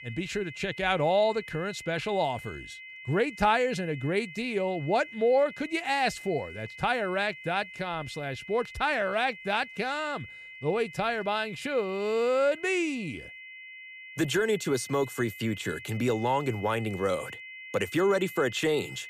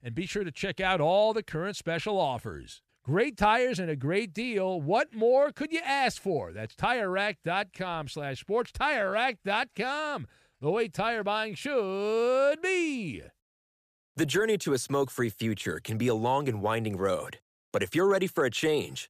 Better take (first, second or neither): second